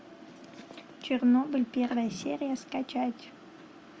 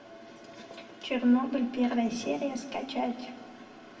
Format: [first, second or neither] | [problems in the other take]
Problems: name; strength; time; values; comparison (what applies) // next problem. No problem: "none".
first | room echo; dies away in 1.4 s